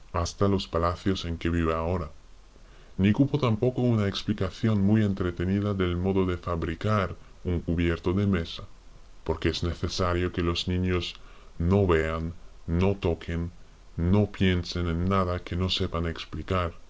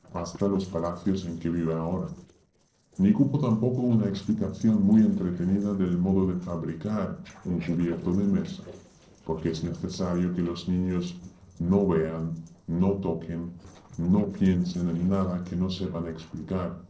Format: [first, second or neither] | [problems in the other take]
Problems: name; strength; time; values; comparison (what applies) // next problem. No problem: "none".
first | noise reduction (neural separator model SepFormer DNS4)